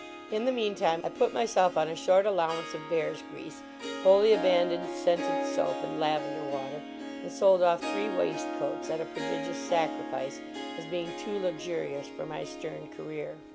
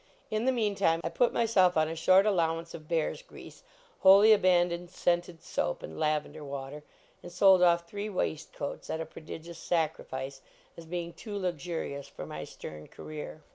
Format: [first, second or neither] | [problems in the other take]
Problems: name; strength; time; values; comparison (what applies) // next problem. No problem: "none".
second | background sound (Harp); 8 dB below the speech